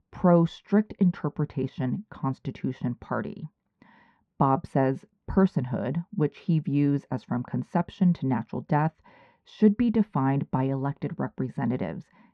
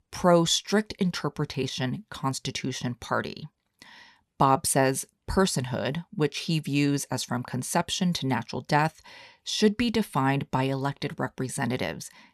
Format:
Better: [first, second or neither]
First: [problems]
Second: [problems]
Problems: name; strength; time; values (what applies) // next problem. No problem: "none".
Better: second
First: muffled; very; fading above 1.5 kHz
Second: none